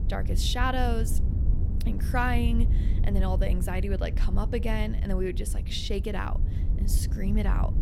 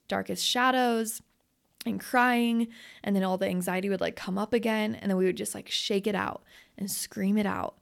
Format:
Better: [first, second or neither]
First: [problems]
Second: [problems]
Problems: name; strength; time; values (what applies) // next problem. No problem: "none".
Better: second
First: wind noise on the microphone; occasional gusts; 10 dB below the speech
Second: none